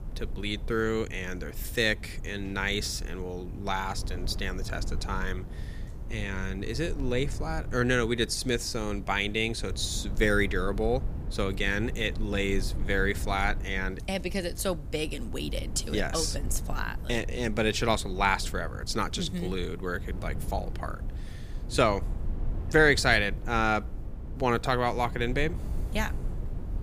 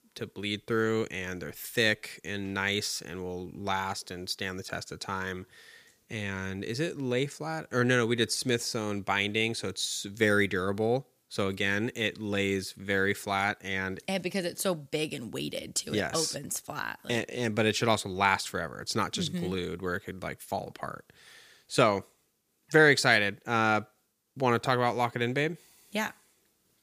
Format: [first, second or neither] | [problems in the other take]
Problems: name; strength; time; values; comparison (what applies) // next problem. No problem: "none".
second | low rumble; faint; throughout; 20 dB below the speech